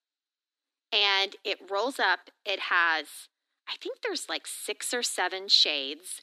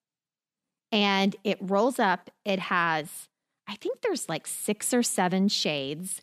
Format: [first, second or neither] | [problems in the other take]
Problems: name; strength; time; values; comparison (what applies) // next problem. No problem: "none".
second | thin; very; fading below 250 Hz